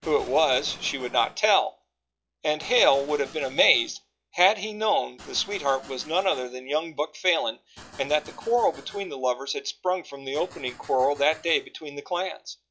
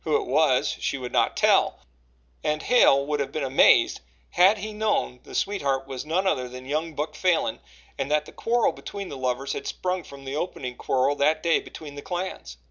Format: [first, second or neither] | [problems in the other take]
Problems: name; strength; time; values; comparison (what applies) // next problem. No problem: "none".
second | noise reduction (classical method log-MMSE)